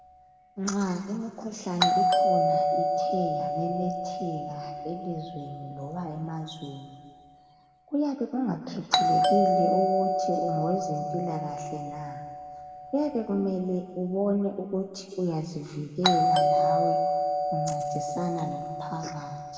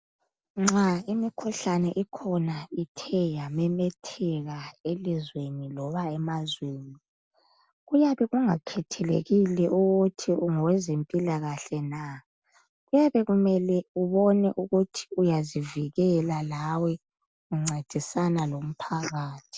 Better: second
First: background sound (Doorbell); 3 dB above the speech // room echo; dies away in 1.9 s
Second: none

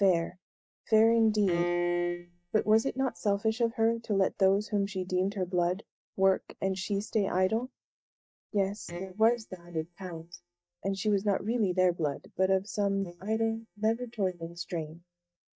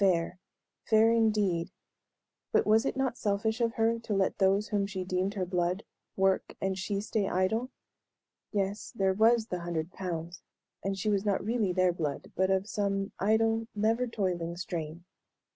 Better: second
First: noise reduction (neural mask model DeepFilterNet 3)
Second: none

